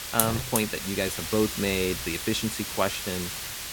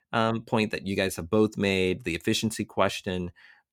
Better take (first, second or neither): second